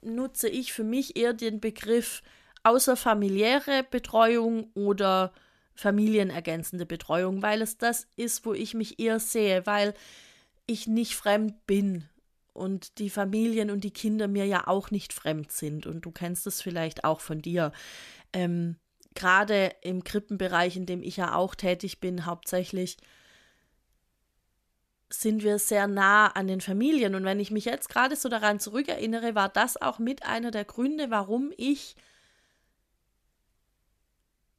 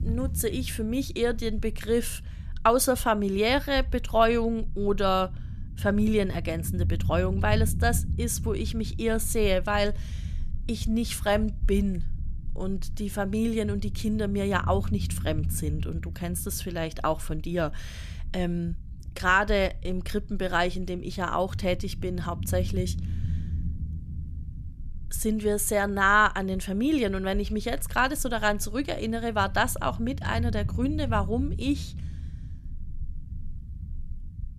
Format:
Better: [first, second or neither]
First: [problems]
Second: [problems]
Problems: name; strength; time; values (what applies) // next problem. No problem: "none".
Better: first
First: none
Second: low rumble; faint; throughout; 20 dB below the speech